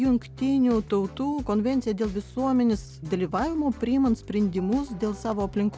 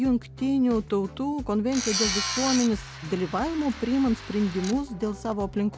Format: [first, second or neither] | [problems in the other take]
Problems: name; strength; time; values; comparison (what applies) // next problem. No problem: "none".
first | background sound (Tools); 7 dB below the speech